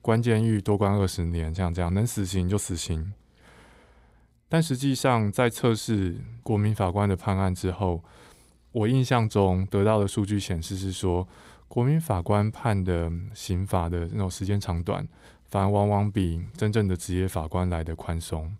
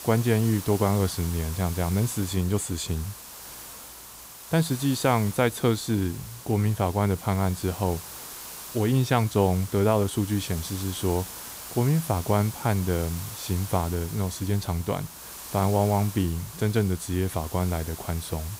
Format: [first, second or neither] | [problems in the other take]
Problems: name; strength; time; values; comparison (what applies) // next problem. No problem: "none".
first | hiss; noticeable; throughout; 10 dB below the speech